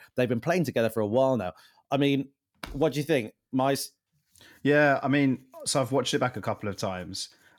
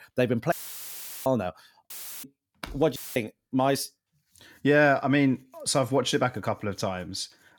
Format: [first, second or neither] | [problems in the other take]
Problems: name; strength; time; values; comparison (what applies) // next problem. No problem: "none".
first | audio cutting out; filled with static; at 0.5 s for 0.5 s, at 2 s and at 3 s